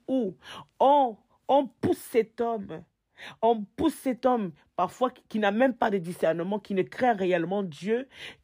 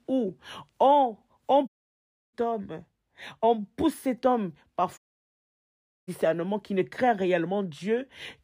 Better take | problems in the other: first | audio cutting out; at 1.5 s for 0.5 s and at 5 s for 1 s

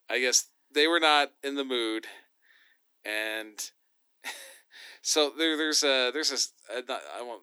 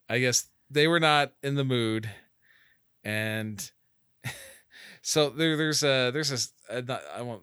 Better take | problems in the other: second | thin; somewhat; fading below 250 Hz

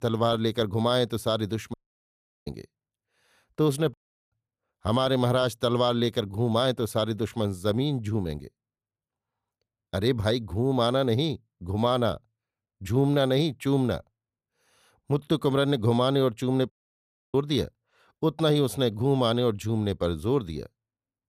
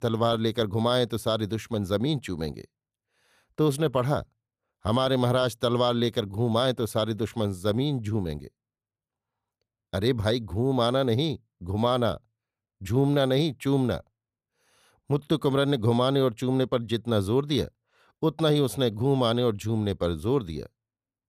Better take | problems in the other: second | audio cutting out; at 1.5 s for 0.5 s, at 4 s and at 17 s for 0.5 s

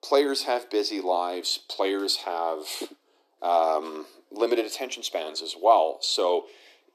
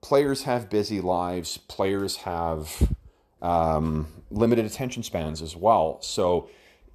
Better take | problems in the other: second | thin; somewhat; fading below 300 Hz

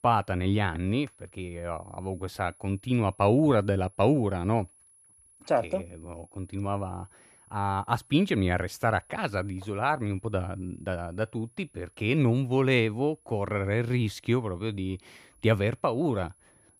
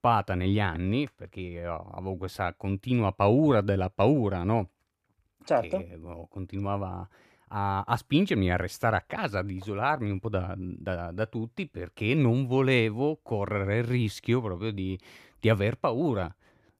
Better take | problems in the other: second | high-pitched whine; faint; throughout; 10.5 kHz, 30 dB below the speech

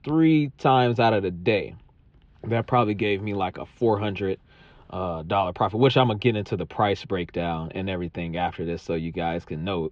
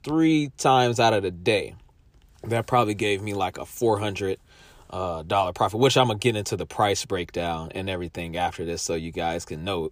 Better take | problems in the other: second | muffled; slightly; fading above 3.5 kHz

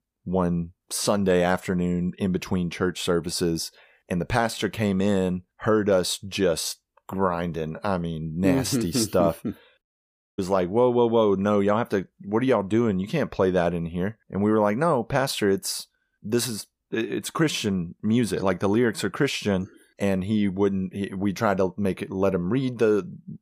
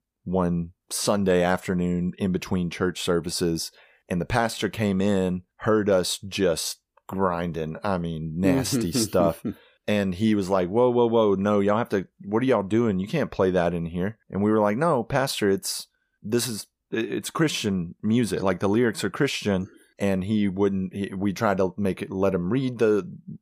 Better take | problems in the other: second | audio cutting out; at 10 s for 0.5 s

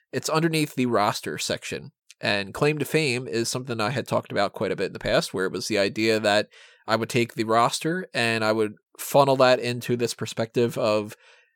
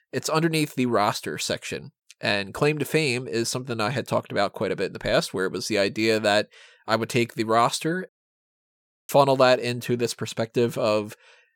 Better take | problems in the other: first | audio cutting out; at 8 s for 1 s

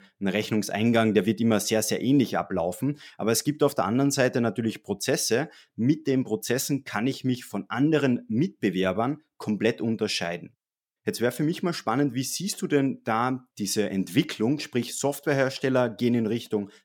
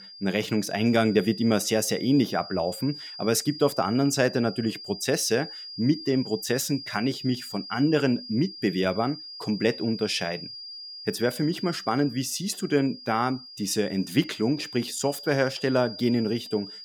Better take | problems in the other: first | high-pitched whine; noticeable; throughout; 5 kHz, 10 dB below the speech

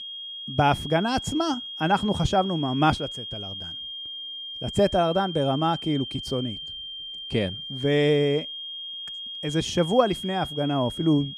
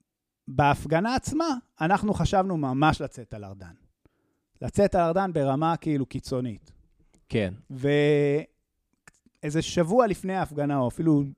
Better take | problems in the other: second | high-pitched whine; loud; throughout; 3.5 kHz, 9 dB below the speech

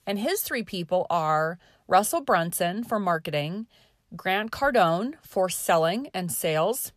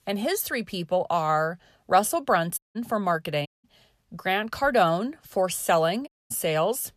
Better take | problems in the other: first | audio cutting out; at 2.5 s, at 3.5 s and at 6 s

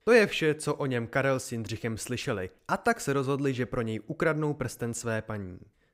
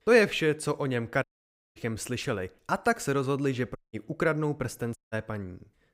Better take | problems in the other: first | audio cutting out; at 1 s for 0.5 s, at 4 s and at 5 s

